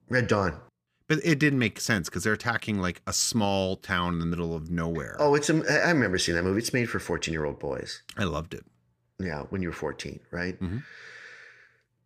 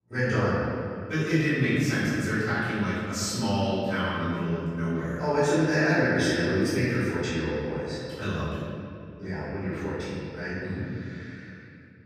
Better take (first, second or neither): first